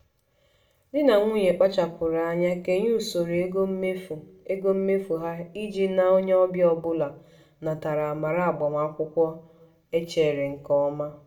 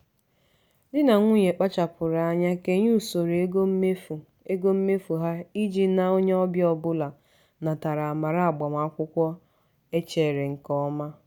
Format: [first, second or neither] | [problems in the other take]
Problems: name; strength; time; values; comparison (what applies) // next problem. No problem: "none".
second | room echo; dies away in 0.4 s